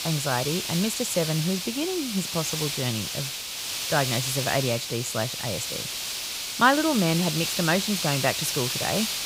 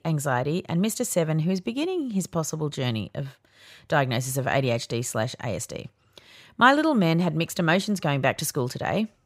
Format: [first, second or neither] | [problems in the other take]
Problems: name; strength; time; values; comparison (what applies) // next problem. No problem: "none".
second | hiss; loud; throughout; 2 dB below the speech